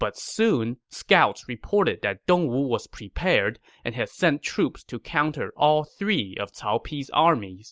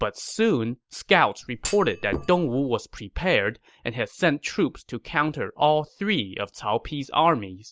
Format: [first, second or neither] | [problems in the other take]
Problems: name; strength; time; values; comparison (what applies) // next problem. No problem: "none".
first | background sound (Thump, thud); 10 dB below the speech